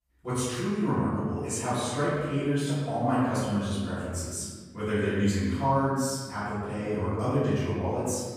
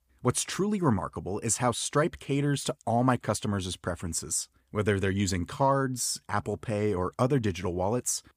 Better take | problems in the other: second | room echo; strong; dies away in 1.3 s // off-mic speech; far

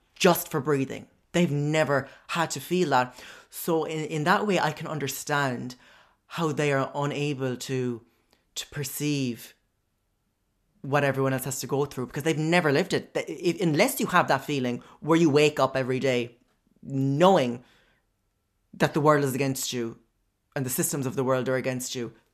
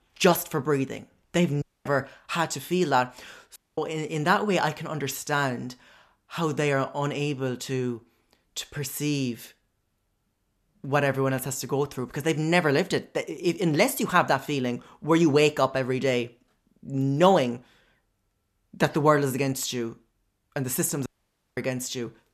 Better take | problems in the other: first | audio cutting out; at 1.5 s, at 3.5 s and at 21 s for 0.5 s

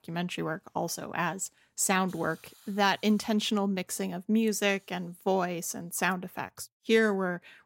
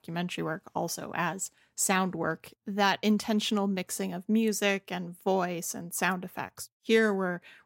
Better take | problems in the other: second | hiss; faint; from 1.5 to 3.5 s and from 4.5 to 6 s; 30 dB below the speech

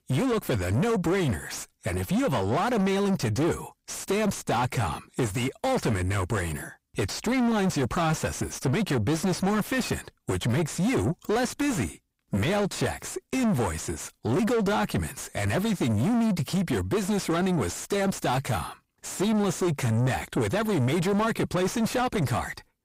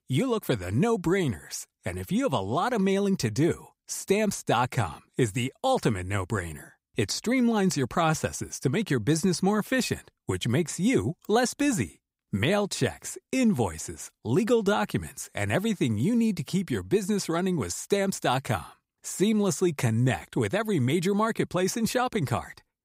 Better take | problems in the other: second | distortion; heavy; 6 dB below the speech

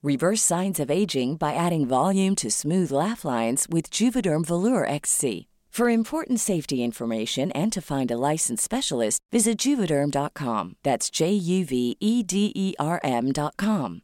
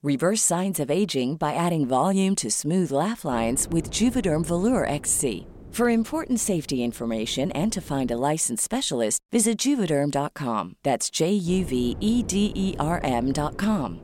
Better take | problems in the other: first | wind noise on the microphone; occasional gusts; from 3.5 to 8 s and from 11 s on; 20 dB below the speech

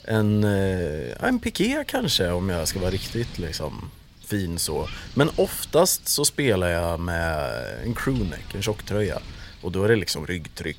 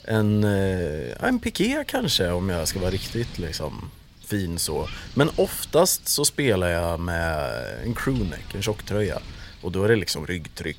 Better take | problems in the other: neither | wind noise on the microphone; occasional gusts; 20 dB below the speech; the same in both

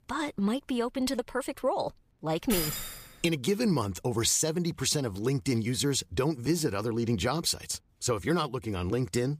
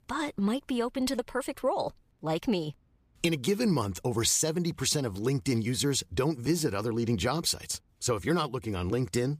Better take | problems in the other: second | jangling keys; noticeable; at 2.5 s; peak 1 dB below the speech

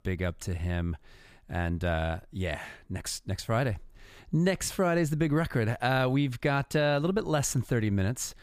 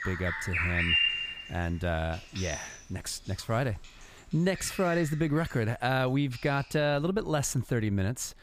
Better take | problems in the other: first | animal sounds; very loud; throughout; as loud as the speech

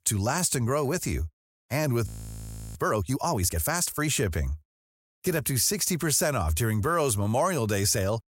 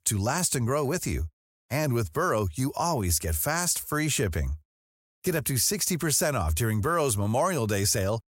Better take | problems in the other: second | audio freezing; at 2 s for 0.5 s

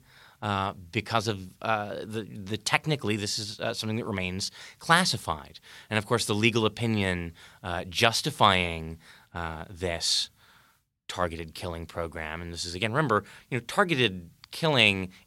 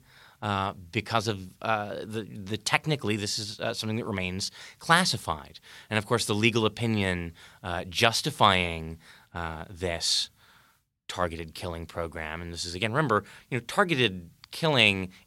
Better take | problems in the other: neither | none

